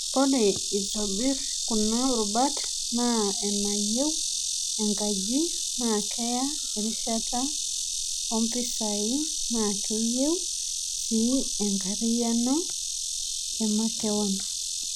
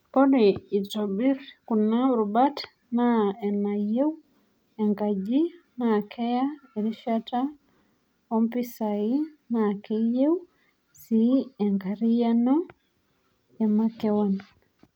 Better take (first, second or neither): second